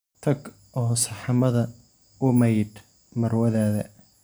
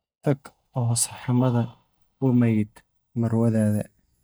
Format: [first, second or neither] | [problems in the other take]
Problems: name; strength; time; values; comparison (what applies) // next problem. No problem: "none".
first | noise reduction (neural mask model DeepFilterNet 3)